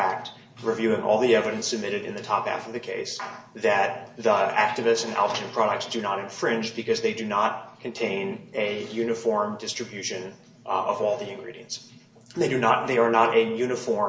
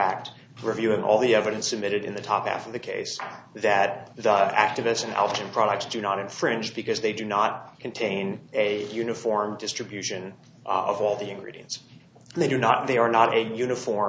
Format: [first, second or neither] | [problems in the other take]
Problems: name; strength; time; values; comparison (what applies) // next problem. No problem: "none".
second | room echo; dies away in 0.7 s